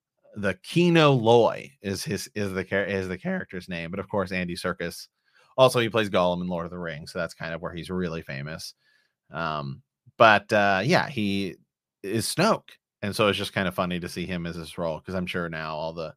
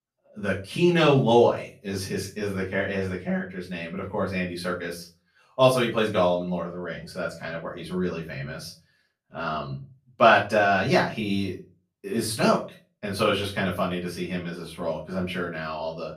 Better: first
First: none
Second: room echo; slight; dies away in 0.3 s // off-mic speech; far

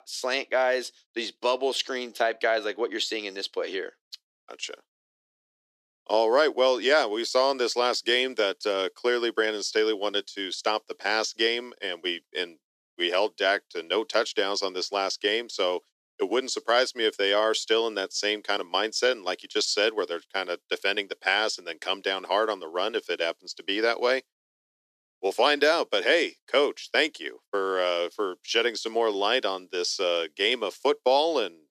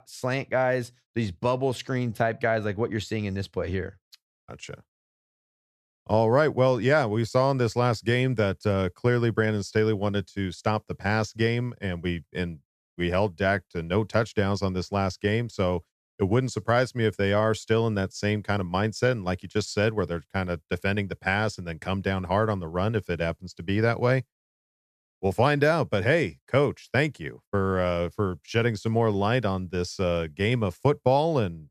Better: second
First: thin; very; fading below 300 Hz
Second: none

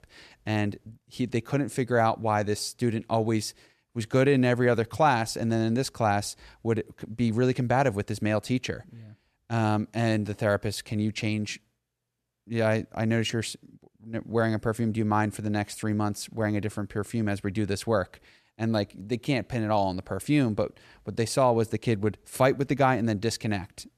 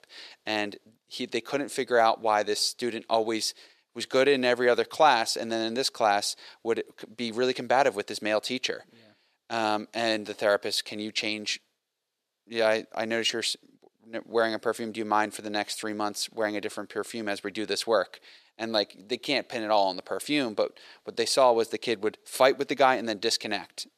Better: first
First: none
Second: thin; somewhat; fading below 450 Hz

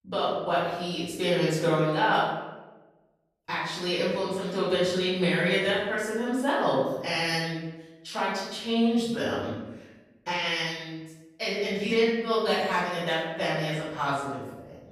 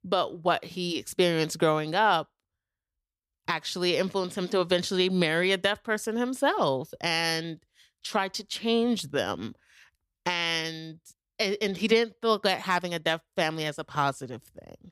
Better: second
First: room echo; strong; dies away in 0.9 s // off-mic speech; far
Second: none

